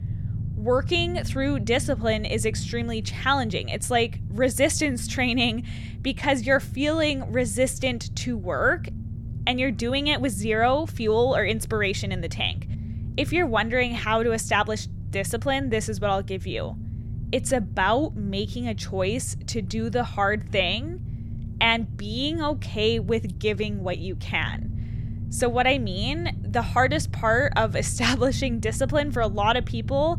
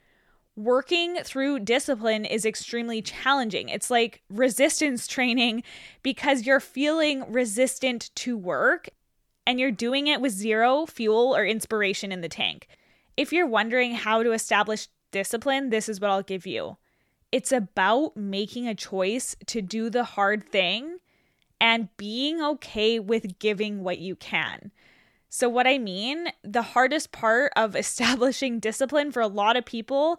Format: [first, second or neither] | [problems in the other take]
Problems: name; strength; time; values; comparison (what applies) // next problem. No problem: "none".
second | low rumble; faint; throughout; 20 dB below the speech